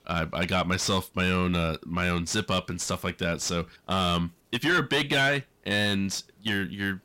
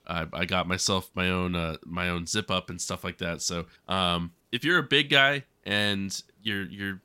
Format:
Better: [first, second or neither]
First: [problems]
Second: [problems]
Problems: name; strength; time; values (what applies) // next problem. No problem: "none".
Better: second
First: distortion; heavy; 7 dB below the speech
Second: none